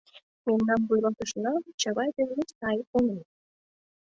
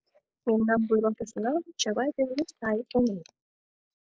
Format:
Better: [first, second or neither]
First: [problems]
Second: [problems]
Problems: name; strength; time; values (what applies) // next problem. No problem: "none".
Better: first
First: none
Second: noise reduction (neural mask model Resemble Enhance denoiser)